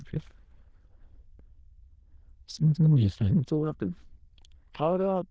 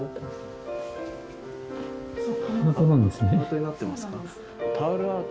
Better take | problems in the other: second | noise reduction (neural diffusion model UNIVERSE++)

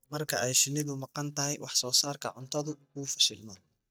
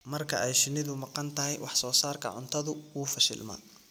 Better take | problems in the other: second | noise reduction (neural mask model DeepFilterNet 3)

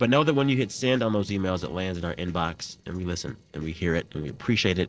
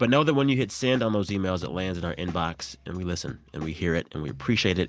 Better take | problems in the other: second | noise reduction (neural separator model SepFormer DNS4)

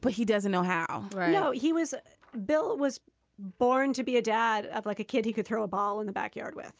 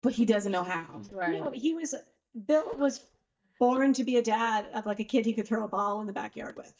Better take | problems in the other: first | noise reduction (neural mask model DeepFilterNet 3)

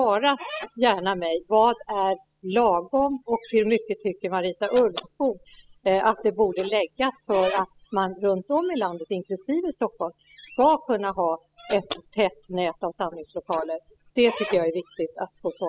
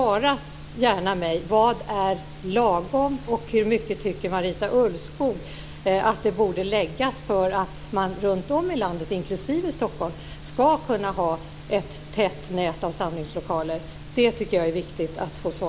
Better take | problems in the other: second | noise reduction (classical method spectral subtraction)

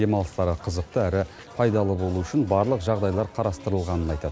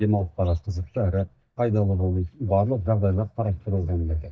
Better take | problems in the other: first | noise reduction (neural mask model DeepFilterNet 3)

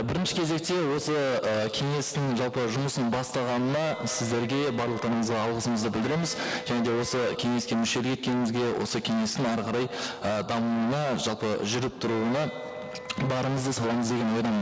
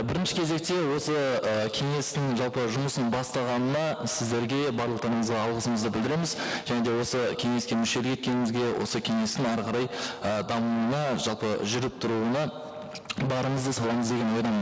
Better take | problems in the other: second | background sound (Wind instrument, woodwind instrument); 15 dB below the speech

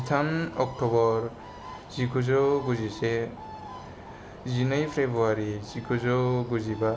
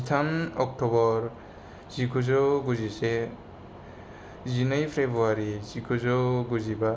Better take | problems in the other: second | background sound (Bird); 19 dB below the speech

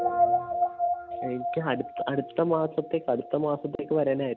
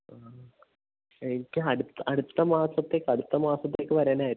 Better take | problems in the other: second | background sound (Guitar); 2 dB below the speech

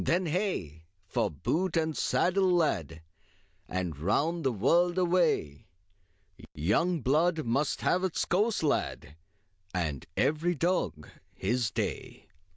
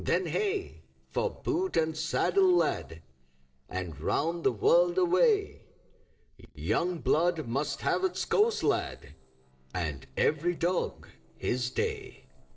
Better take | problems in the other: first | noise reduction (neural separator model SepFormer DNS4)

